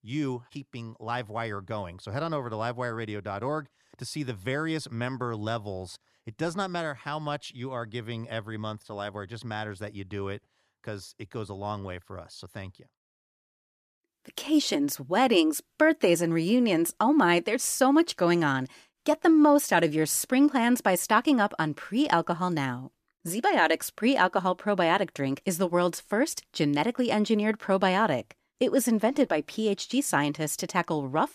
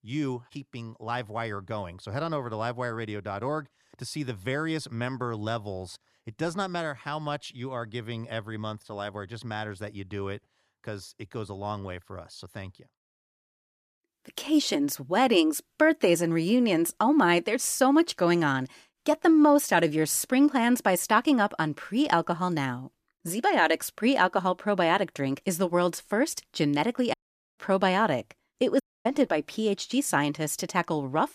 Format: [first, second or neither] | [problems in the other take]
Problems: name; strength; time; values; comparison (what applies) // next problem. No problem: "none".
first | audio cutting out; at 27 s and at 29 s